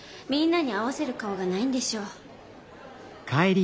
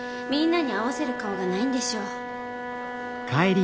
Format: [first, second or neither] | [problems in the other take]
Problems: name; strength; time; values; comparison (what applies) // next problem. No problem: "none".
first | background sound (Wind instrument, woodwind instrument); 6 dB below the speech